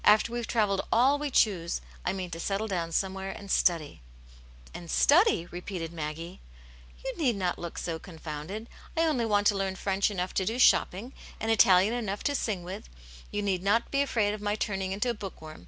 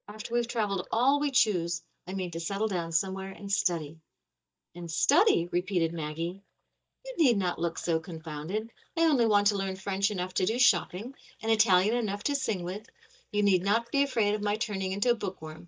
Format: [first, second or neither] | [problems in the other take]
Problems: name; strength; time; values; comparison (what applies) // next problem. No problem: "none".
first | noise reduction (neural mask model DeepFilterNet 3)